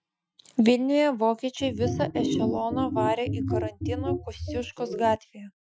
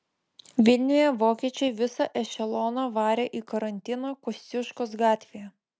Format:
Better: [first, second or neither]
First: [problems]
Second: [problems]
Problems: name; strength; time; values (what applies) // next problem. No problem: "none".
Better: second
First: noise reduction (classical method Wiener filter)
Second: none